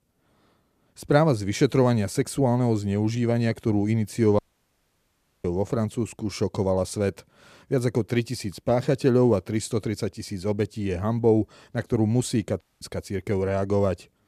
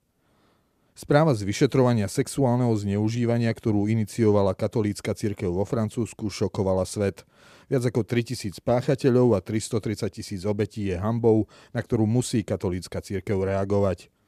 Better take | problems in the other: second | audio cutting out; at 4.5 s for 1 s and at 13 s

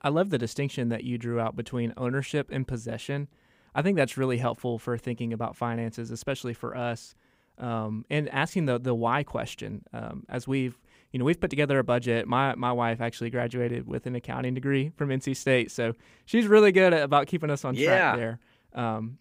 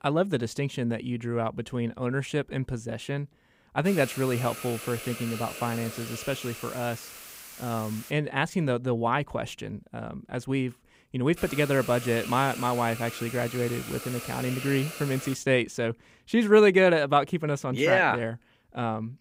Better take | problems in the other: first | hiss; noticeable; from 4 to 8 s and from 11 to 15 s; 10 dB below the speech

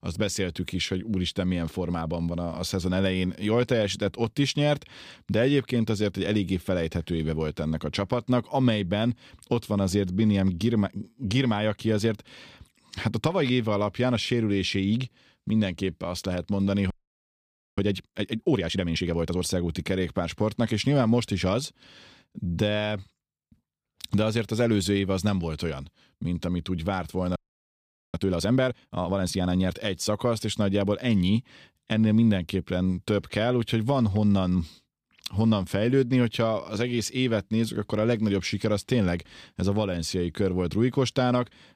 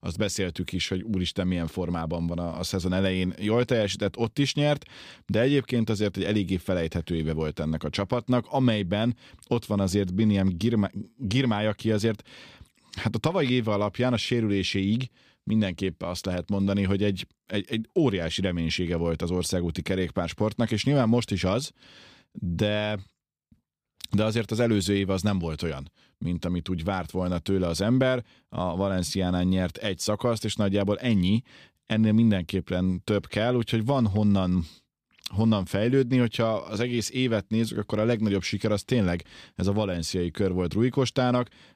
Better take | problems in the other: second | audio freezing; at 17 s for 1 s and at 27 s for 1 s

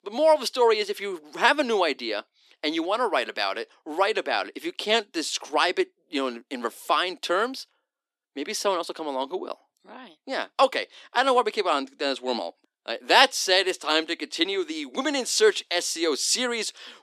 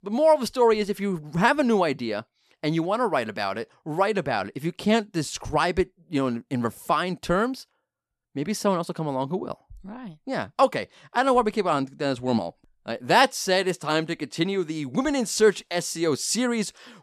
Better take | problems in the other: second | thin; somewhat; fading below 300 Hz

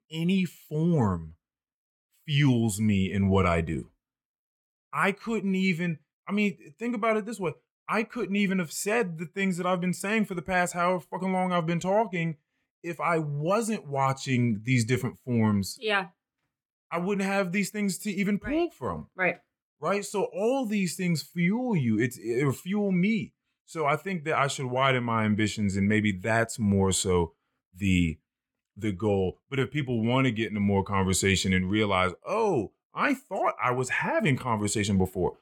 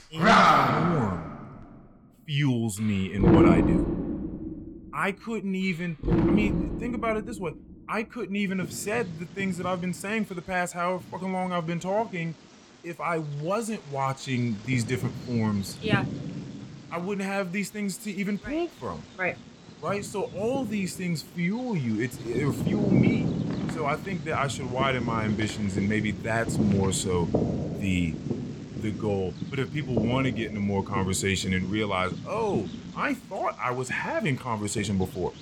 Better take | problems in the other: first | animal sounds; very loud; throughout; 1 dB above the speech

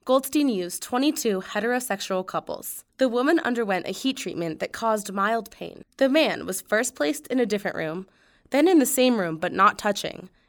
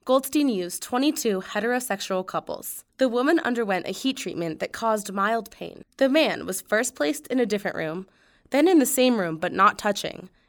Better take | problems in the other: neither | none

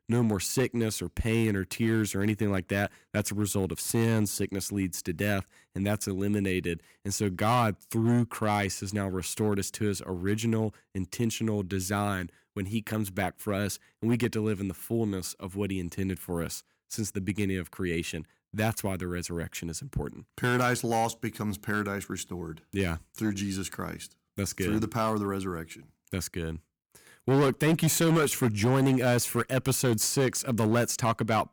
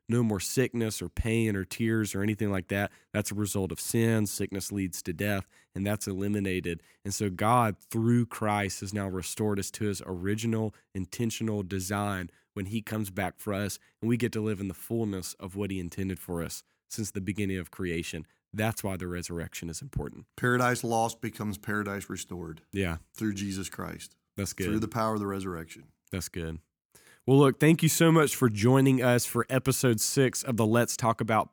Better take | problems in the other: second | distortion; slight; 5% of the sound clipped

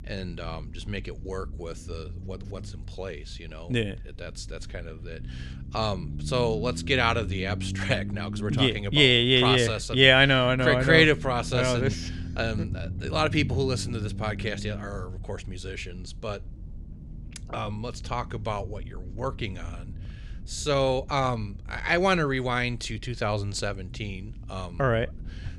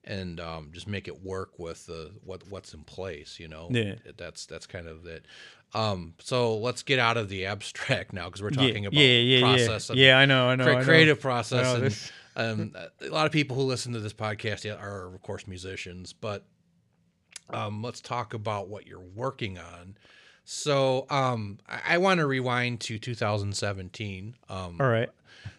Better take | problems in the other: second | low rumble; faint; throughout; 25 dB below the speech

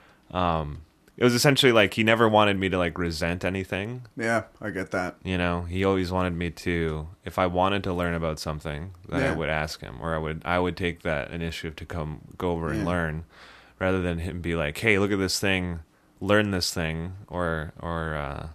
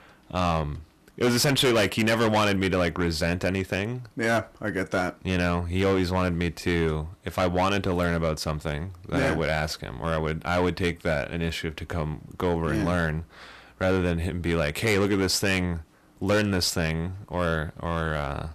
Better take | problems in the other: first | distortion; heavy; 8% of the sound clipped

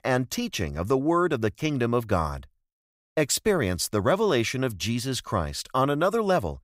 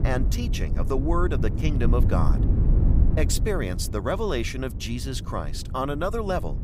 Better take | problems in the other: first | wind noise on the microphone; heavy; 10 dB below the speech

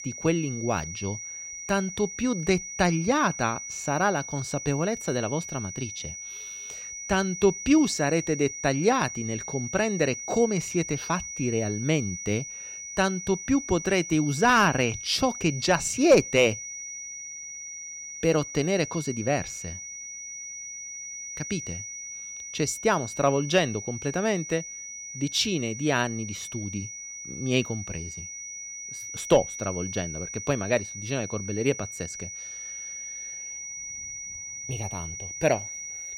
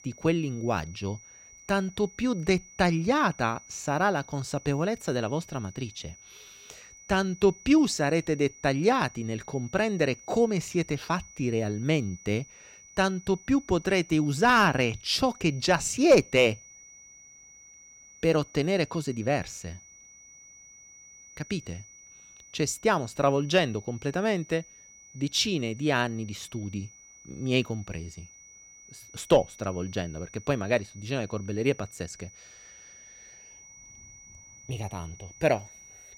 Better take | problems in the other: second | high-pitched whine; loud; throughout; 6 kHz, 9 dB below the speech; faint in the second

